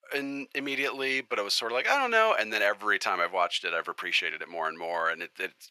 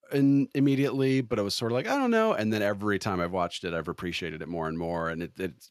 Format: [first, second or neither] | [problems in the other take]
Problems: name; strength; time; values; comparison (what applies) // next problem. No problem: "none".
second | thin; very; fading below 700 Hz